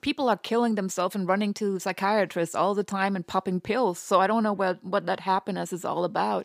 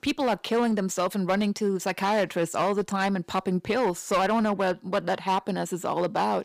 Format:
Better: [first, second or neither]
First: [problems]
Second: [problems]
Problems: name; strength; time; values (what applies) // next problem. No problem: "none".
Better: first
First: none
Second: distortion; slight; 9% of the sound clipped